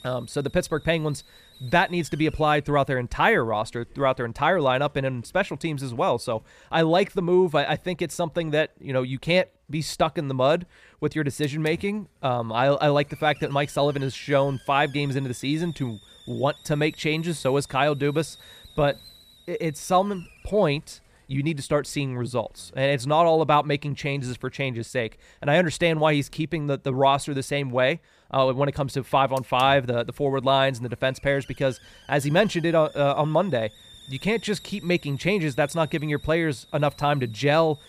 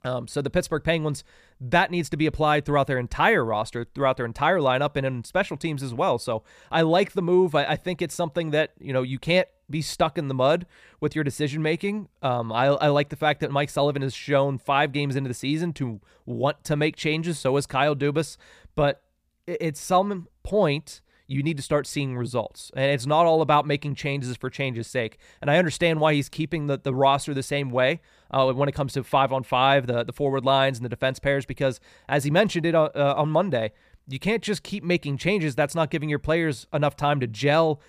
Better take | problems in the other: second | hiss; faint; throughout; 25 dB below the speech

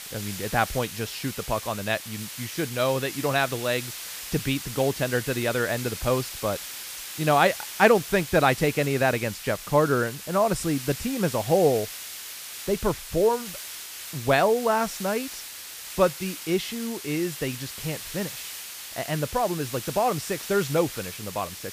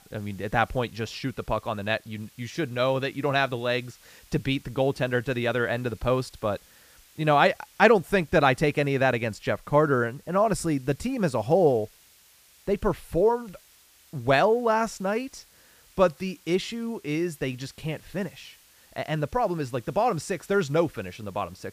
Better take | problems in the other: second | hiss; loud; throughout; 9 dB below the speech; faint in the second

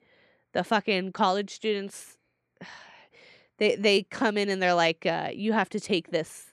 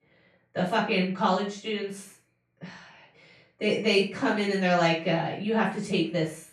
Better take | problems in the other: first | room echo; noticeable; dies away in 0.3 s // off-mic speech; far

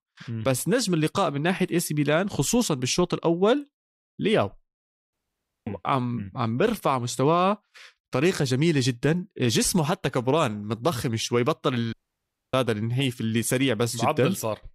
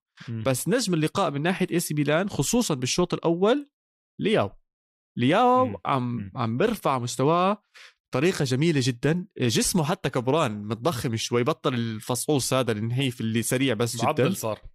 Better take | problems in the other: second | audio cutting out; at 5 s for 0.5 s and at 12 s for 0.5 s

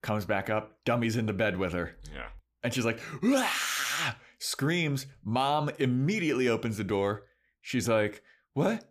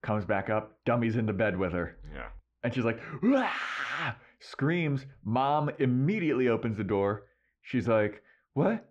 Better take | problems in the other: first | muffled; very; fading above 2 kHz

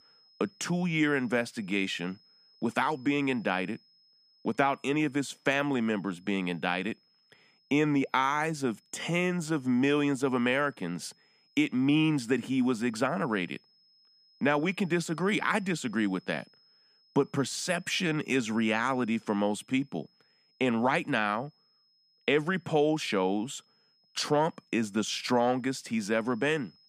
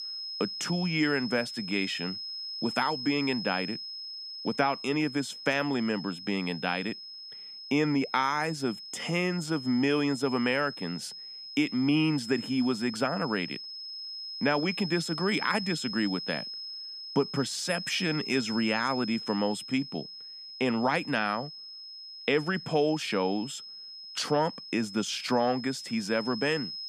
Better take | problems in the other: first | high-pitched whine; loud; throughout; 5 kHz, 8 dB below the speech; faint in the first

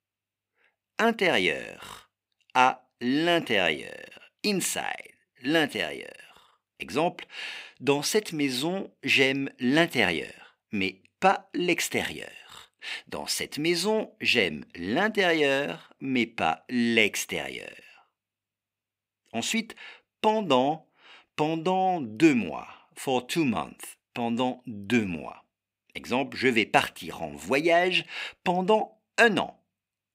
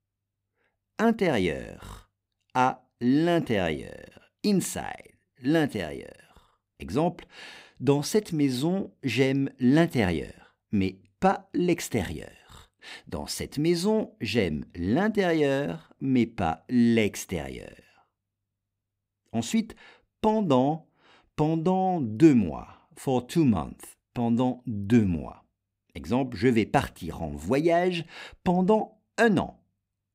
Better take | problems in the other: second | thin; very slightly; fading below 550 Hz

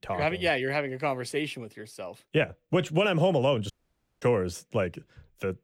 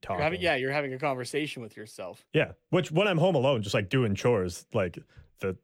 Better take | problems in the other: second | audio cutting out; at 3.5 s for 0.5 s

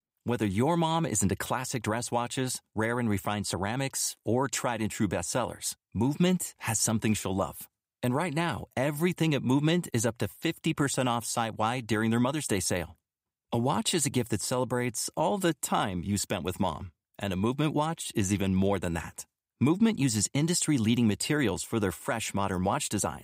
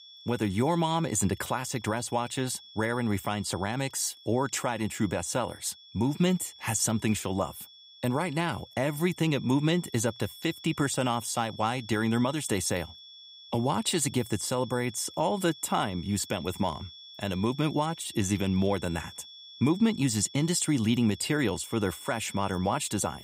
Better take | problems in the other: first | high-pitched whine; noticeable; throughout; 3.5 kHz, 20 dB below the speech

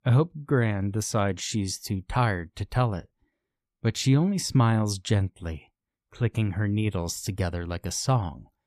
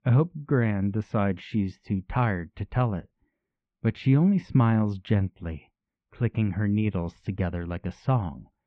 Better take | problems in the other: first | muffled; very; fading above 2.5 kHz

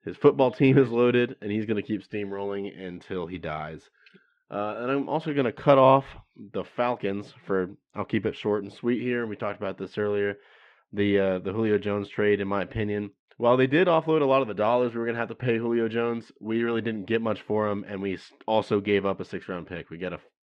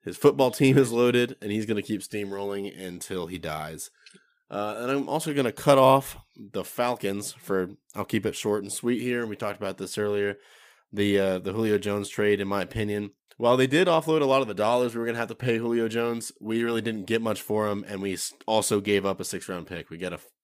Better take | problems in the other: second | muffled; very; fading above 3 kHz

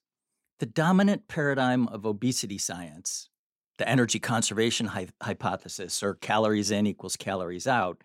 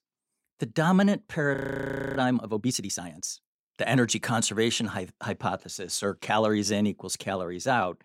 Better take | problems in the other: first | audio freezing; at 1.5 s for 0.5 s

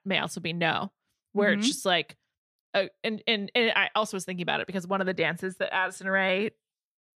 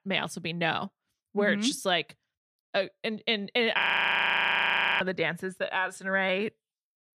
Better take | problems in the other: first | audio freezing; at 4 s for 1 s

